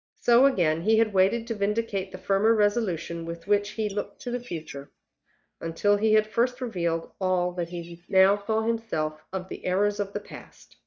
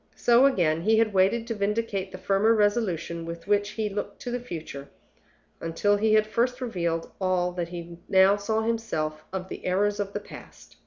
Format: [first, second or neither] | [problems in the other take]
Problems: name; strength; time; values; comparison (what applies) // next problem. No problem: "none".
second | noise reduction (neural mask model DeepFilterNet 3)